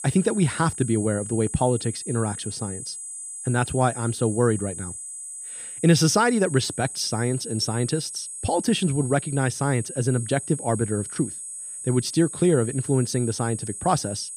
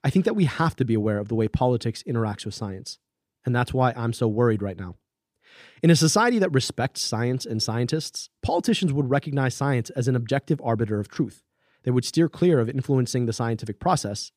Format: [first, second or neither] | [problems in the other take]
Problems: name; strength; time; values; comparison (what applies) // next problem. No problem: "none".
second | high-pitched whine; loud; throughout; 8 kHz, 9 dB below the speech